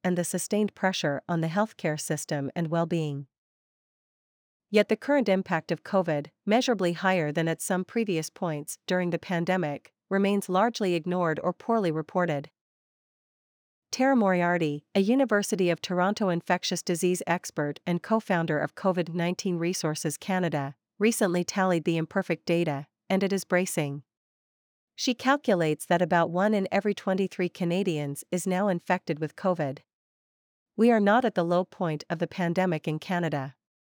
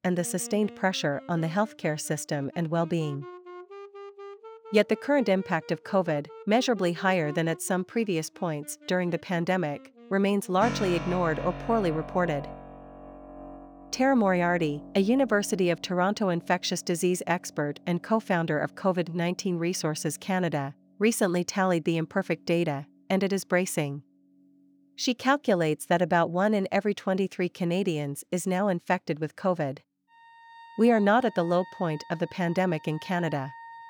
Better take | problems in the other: first | background music; noticeable; throughout; 15 dB below the speech

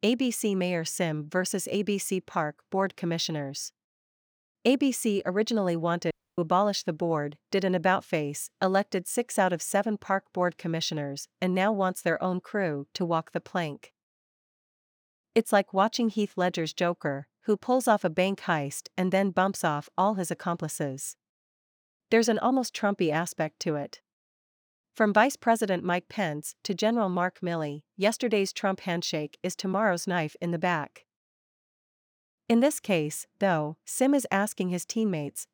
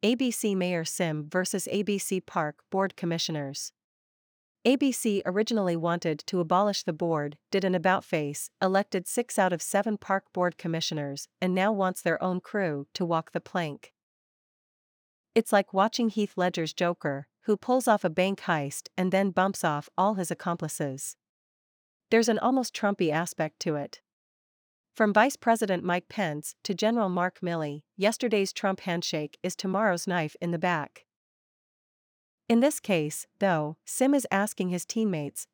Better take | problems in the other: second | audio cutting out; at 6 s

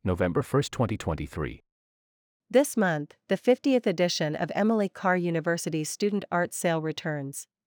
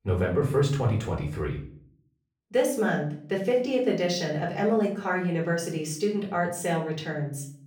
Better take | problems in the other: first | room echo; slight; dies away in 0.5 s // off-mic speech; far

